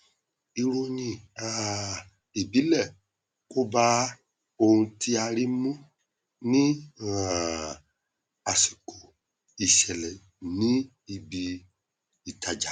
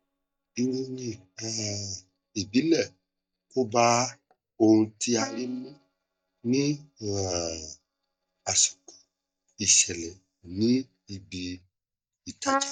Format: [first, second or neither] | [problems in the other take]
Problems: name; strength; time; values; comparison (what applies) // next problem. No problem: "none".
first | noise reduction (neural mask model DeepFilterNet 3)